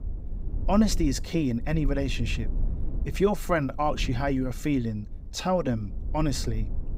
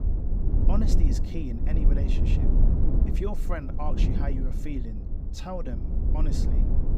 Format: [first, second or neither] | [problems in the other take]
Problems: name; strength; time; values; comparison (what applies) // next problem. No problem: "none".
first | low rumble; loud; throughout; 2 dB below the speech; faint in the first